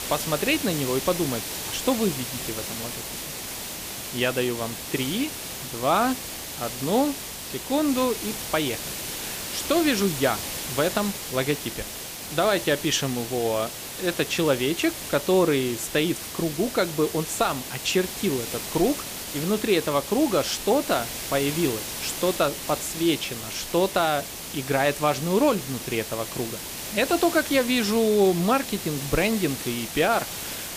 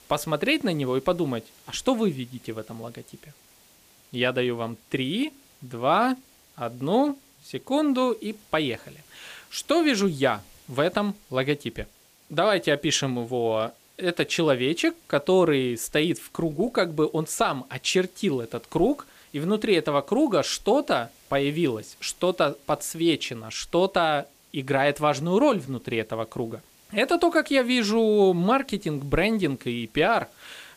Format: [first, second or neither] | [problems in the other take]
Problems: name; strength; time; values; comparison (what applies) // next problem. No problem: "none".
second | hiss; loud; throughout; 6 dB below the speech; faint in the second